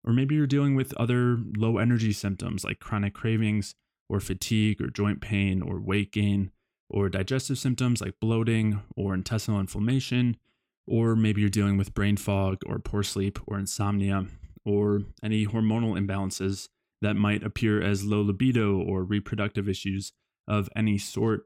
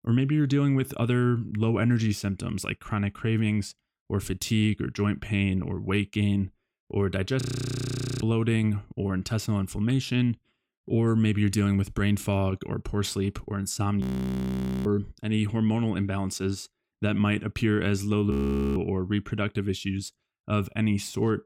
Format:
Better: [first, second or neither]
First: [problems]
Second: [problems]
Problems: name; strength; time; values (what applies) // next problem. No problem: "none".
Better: first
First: none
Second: audio freezing; at 7.5 s for 1 s, at 14 s for 1 s and at 18 s